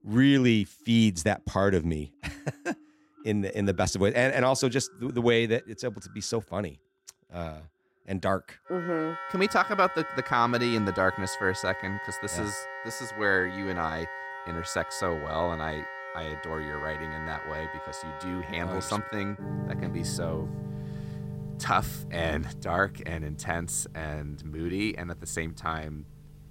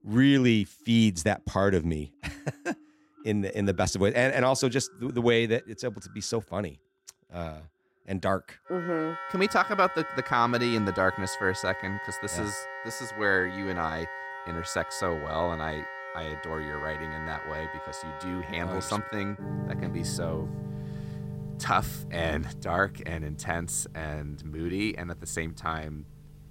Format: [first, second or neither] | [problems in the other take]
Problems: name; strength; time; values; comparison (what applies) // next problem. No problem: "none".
neither | background music; loud; throughout; 9 dB below the speech; the same in both